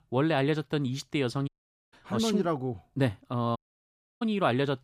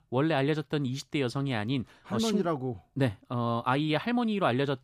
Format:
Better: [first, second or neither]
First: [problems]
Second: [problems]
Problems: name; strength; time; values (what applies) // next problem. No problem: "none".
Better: second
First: audio cutting out; at 1.5 s and at 3.5 s for 0.5 s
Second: none